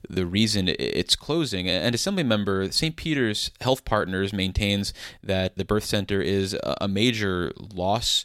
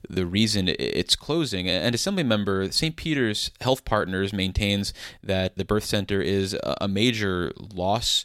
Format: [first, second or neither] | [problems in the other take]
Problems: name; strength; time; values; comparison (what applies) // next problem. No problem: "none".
neither | none